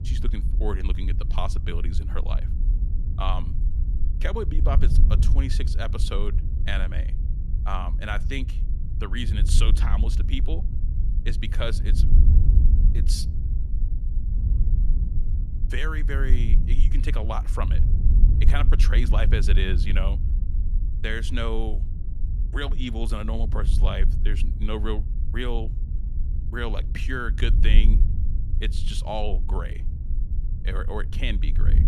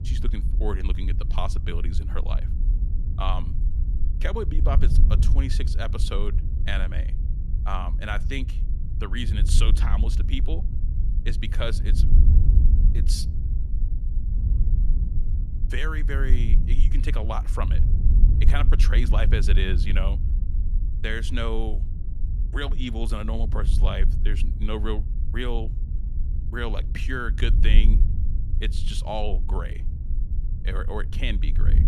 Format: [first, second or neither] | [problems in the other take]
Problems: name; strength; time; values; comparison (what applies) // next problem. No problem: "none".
neither | wind noise on the microphone; occasional gusts; 10 dB below the speech; the same in both